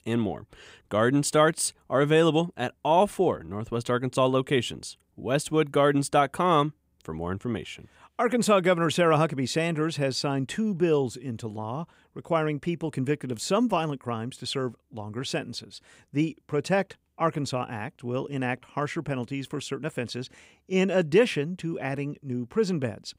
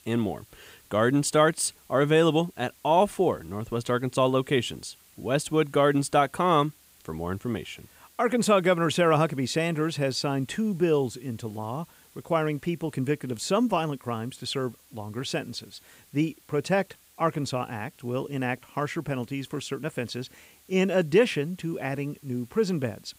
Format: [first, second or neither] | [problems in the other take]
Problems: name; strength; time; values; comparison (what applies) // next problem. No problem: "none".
first | hiss; faint; throughout; 30 dB below the speech